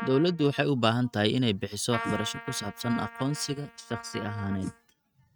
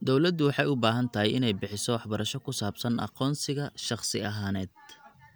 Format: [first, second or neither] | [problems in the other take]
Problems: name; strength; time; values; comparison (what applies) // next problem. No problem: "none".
second | noise reduction (neural mask model RNNoise)